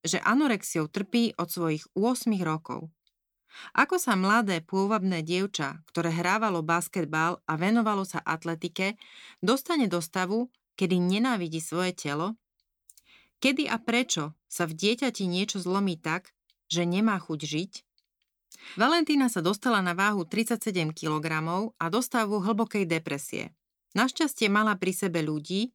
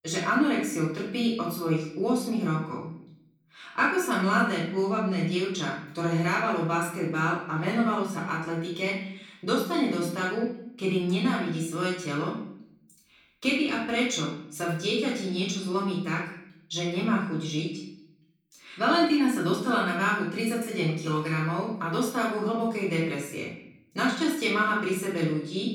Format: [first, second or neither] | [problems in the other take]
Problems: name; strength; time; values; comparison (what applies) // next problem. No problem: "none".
first | off-mic speech; far // room echo; noticeable; dies away in 0.7 s